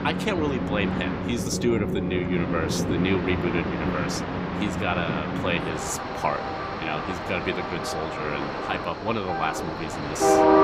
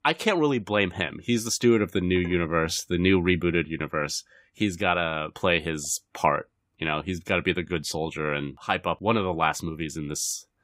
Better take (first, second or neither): second